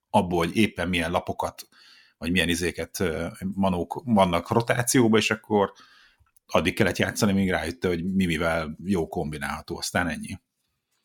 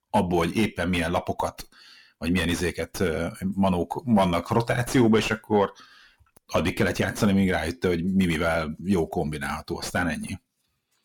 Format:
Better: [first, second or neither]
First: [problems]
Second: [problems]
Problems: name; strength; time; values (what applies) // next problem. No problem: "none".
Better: first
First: none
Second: distortion; slight; 9 dB below the speech